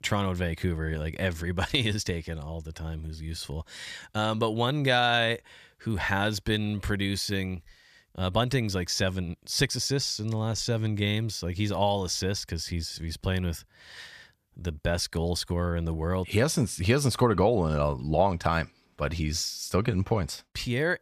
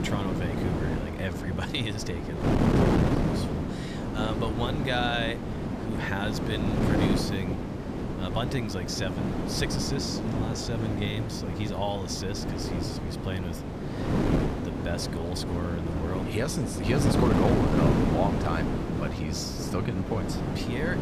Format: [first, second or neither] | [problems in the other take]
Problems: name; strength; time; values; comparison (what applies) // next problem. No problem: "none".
first | wind noise on the microphone; heavy; as loud as the speech